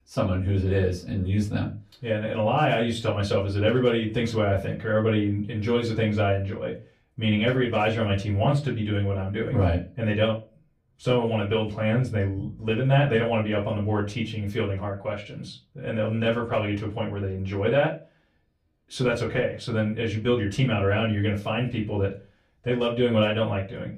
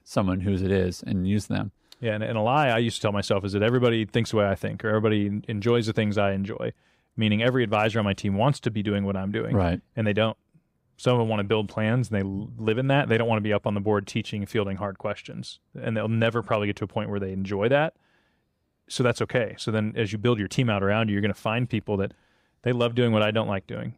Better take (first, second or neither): second